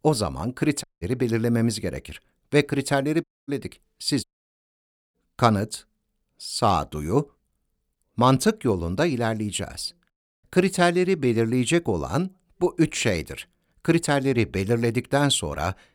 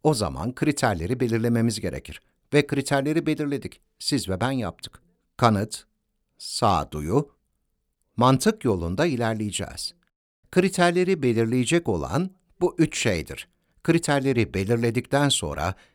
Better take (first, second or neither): second